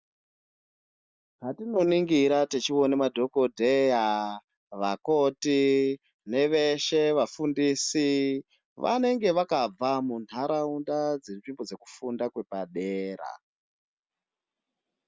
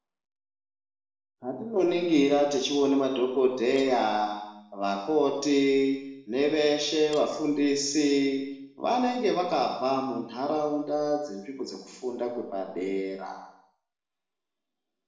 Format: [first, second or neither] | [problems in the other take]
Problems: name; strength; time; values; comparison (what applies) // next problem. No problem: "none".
first | noise reduction (neural separator model SepFormer DNS4)